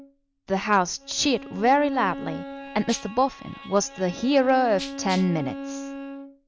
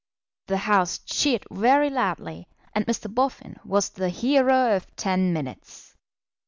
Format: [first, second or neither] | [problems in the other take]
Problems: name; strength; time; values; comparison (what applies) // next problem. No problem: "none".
second | background sound (Bowed string instrument + Rattle (instrument)); 12 dB below the speech